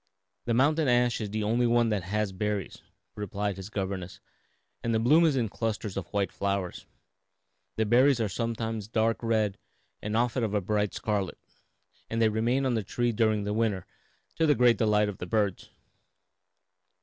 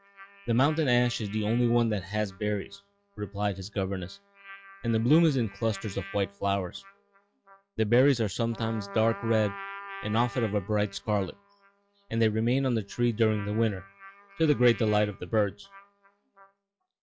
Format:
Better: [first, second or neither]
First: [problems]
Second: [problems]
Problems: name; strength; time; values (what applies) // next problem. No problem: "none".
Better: first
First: none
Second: noise reduction (classical method log-MMSE)